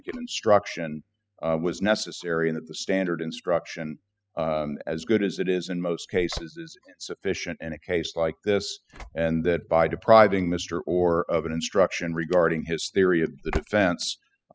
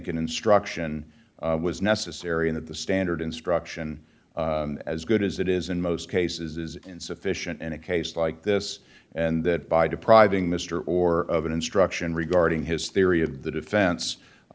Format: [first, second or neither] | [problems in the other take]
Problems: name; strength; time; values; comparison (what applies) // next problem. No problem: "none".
second | noise reduction (classical method spectral subtraction)